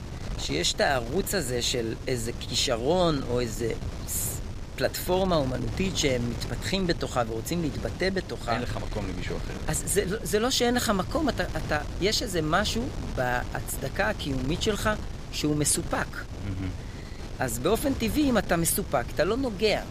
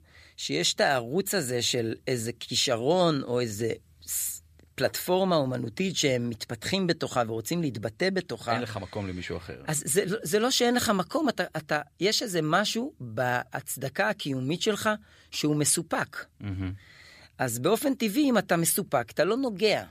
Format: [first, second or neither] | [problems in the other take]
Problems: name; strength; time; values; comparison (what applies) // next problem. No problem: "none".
second | wind noise on the microphone; occasional gusts; 15 dB below the speech